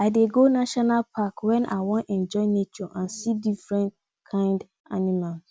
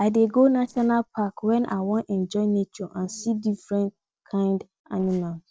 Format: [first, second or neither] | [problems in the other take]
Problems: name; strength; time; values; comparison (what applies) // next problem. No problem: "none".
first | noise reduction (neural separator model SepFormer DNS4)